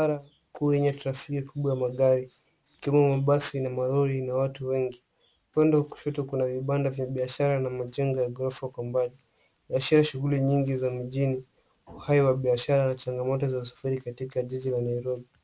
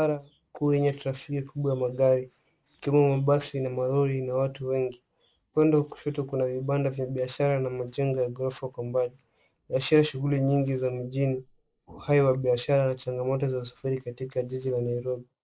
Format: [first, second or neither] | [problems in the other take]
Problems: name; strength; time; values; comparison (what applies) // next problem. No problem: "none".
first | noise reduction (neural mask model Resemble Enhance denoiser)